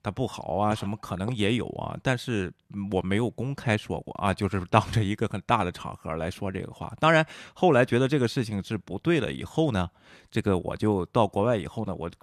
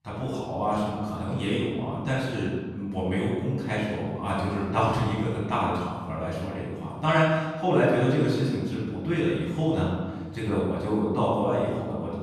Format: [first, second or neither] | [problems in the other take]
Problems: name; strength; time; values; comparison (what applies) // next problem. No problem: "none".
first | room echo; strong; dies away in 1.4 s // off-mic speech; far